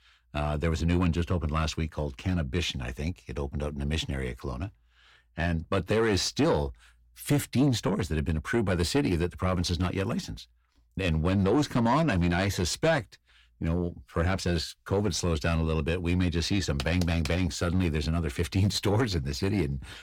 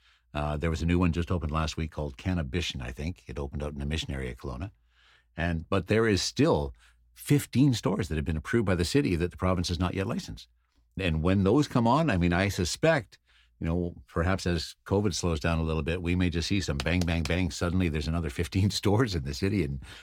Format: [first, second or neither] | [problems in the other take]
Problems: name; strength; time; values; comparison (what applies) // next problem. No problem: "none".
second | distortion; slight; 10 dB below the speech